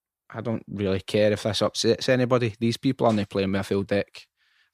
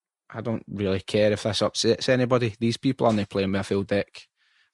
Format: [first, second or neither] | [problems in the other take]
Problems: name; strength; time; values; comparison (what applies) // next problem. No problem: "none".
first | garbled, watery; slightly; nothing above 10 kHz